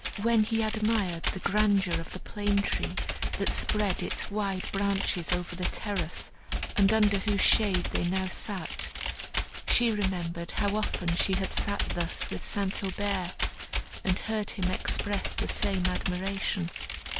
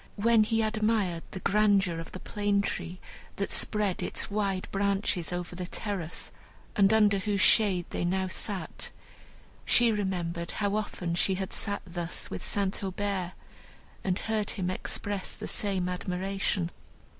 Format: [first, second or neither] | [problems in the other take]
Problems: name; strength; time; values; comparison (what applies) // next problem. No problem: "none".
second | background sound (Computer keyboard); 3 dB below the speech